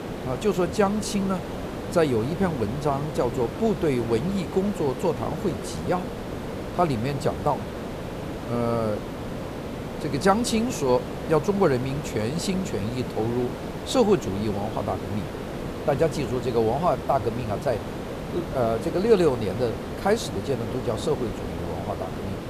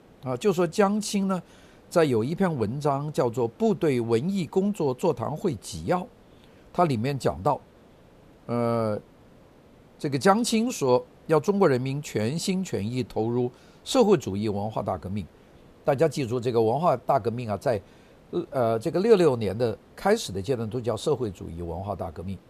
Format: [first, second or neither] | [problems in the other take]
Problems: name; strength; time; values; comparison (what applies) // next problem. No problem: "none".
second | hiss; loud; throughout; 7 dB below the speech; faint in the second